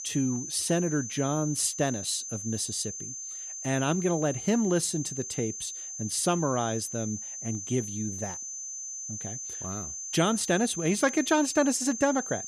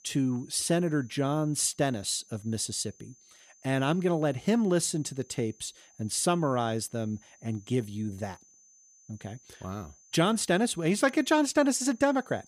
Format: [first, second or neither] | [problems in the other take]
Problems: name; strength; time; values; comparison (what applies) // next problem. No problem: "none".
second | high-pitched whine; loud; throughout; 6.5 kHz, 7 dB below the speech; faint in the second